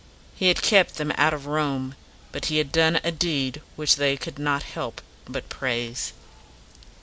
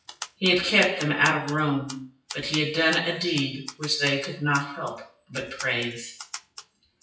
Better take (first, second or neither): first